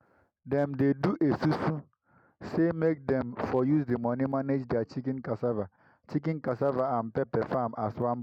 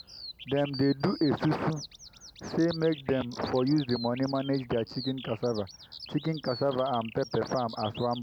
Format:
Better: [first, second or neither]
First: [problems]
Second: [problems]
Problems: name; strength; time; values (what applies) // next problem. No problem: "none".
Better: first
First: none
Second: background sound (Bird vocalization, bird call, bird song); 16 dB below the speech